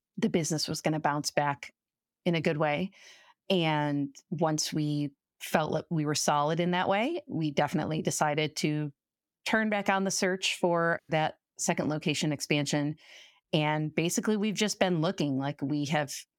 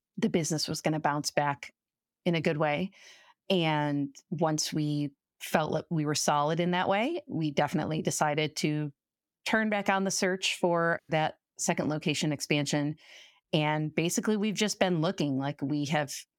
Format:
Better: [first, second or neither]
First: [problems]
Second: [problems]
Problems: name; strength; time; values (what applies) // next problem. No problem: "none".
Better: neither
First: none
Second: none